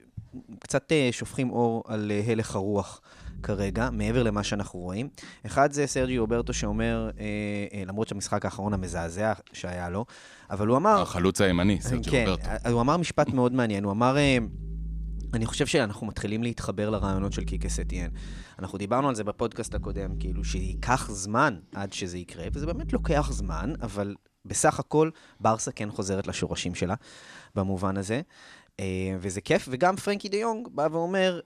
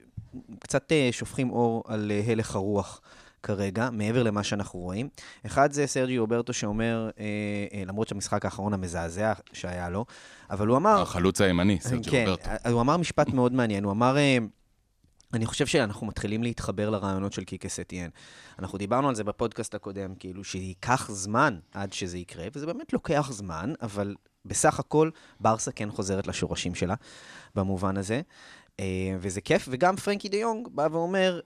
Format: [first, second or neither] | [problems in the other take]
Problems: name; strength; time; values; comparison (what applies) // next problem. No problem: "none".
second | low rumble; faint; from 3 to 9 s and from 11 to 24 s; 25 dB below the speech